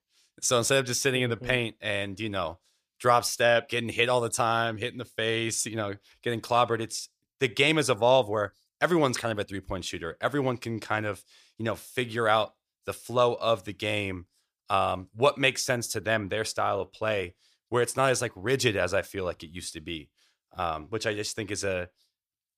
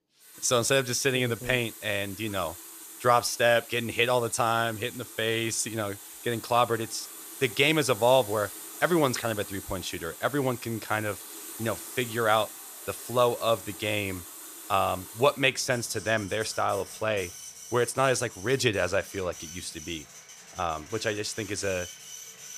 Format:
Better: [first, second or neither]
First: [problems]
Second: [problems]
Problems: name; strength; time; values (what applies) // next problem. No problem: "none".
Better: first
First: none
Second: household noises; noticeable; throughout; 15 dB below the speech